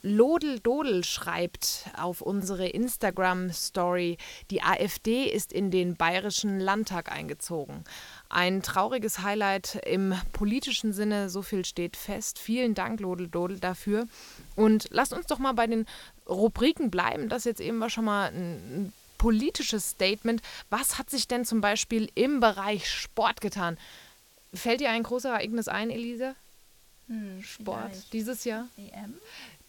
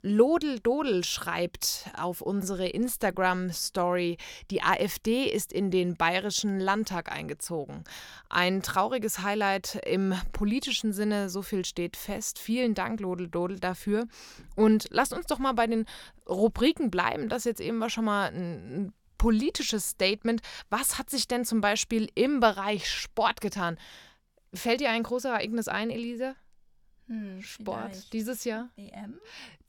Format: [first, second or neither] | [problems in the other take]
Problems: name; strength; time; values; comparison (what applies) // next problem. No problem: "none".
second | hiss; faint; throughout; 30 dB below the speech